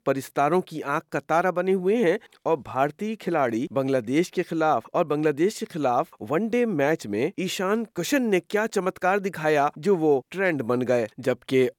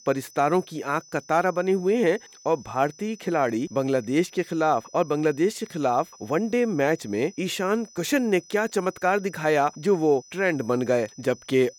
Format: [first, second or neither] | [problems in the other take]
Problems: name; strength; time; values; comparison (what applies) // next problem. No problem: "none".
first | high-pitched whine; faint; throughout; 6 kHz, 25 dB below the speech